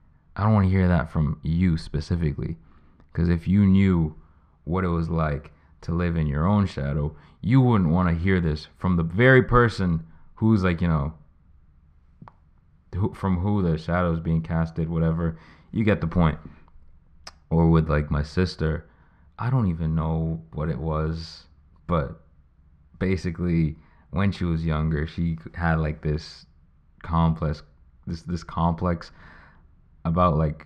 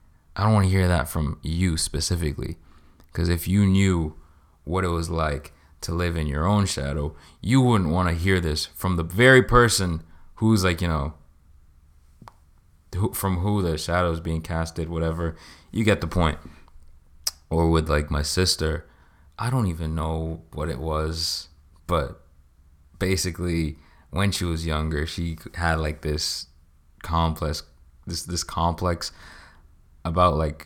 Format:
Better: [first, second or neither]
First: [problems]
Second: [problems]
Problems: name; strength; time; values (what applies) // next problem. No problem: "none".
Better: second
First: muffled; slightly; fading above 2.5 kHz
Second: none